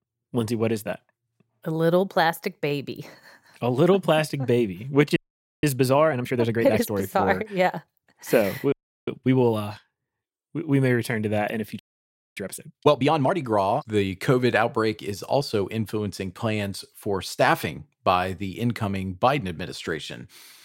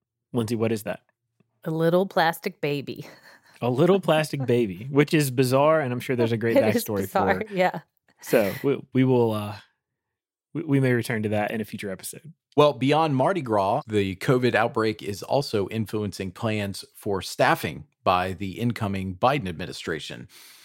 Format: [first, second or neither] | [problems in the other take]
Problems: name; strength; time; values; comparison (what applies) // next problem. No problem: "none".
second | audio freezing; at 5 s, at 8.5 s and at 12 s for 0.5 s